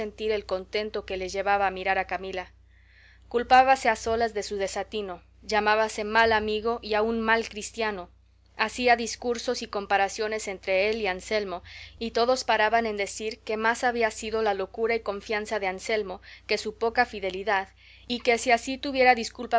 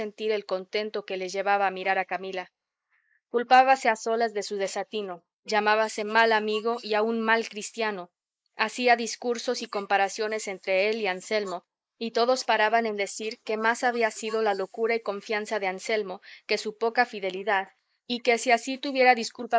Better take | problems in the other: first | noise reduction (neural mask model Resemble Enhance denoiser)

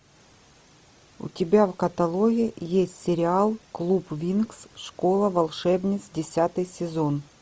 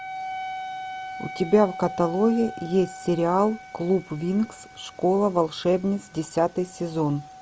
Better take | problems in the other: first | background sound (Wind instrument, woodwind instrument); 13 dB below the speech

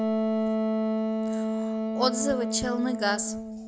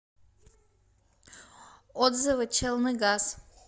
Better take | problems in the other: second | background sound (Wind instrument, woodwind instrument); 3 dB above the speech

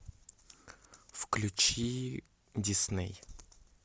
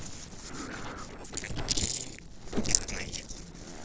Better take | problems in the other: first | noise reduction (neural separator model SepFormer DNS4)

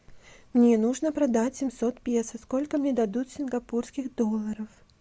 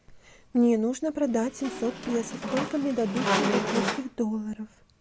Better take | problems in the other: first | background sound (Squeak); 2 dB below the speech

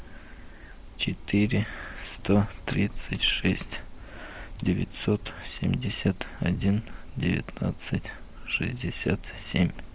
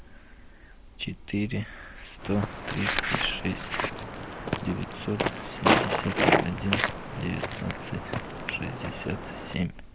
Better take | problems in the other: first | background sound (Walk, footsteps + Crumpling, crinkling); 3 dB above the speech

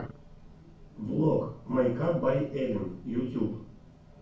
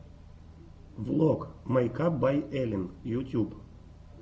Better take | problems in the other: second | room echo; dies away in 0.4 s

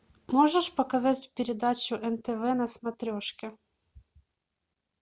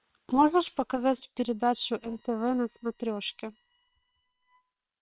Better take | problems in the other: first | noise reduction (neural separator model SepFormer WHAM!)

